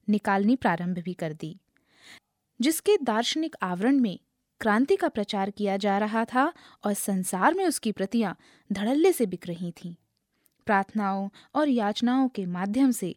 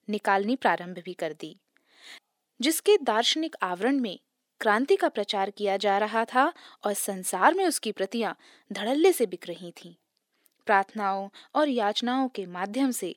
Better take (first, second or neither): first